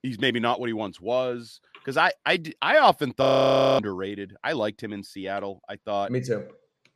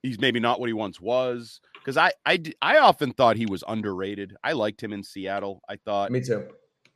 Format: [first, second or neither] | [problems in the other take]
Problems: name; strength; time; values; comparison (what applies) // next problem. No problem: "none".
second | audio freezing; at 3 s for 0.5 s